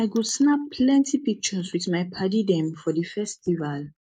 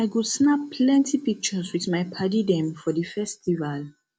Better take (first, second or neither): second